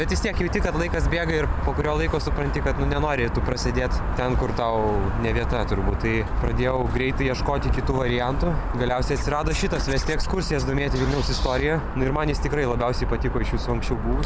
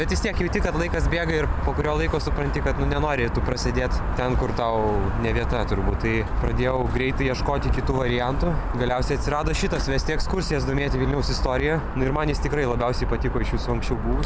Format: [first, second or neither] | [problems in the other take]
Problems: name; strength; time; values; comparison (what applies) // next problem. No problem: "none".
second | background sound (Scratching (performance technique)); 19 dB below the speech